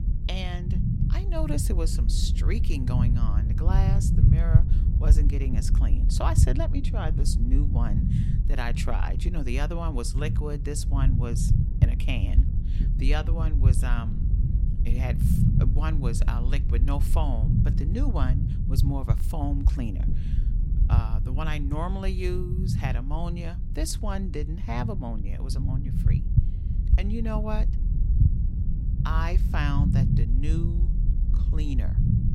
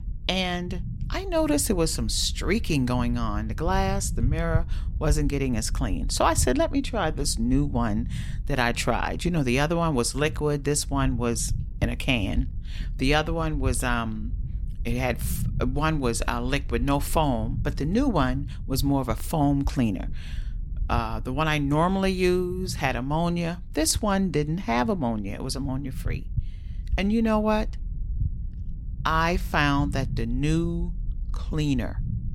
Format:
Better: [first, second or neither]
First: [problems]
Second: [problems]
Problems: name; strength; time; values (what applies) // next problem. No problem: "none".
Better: second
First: low rumble; loud; throughout; 4 dB below the speech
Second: low rumble; faint; throughout; 20 dB below the speech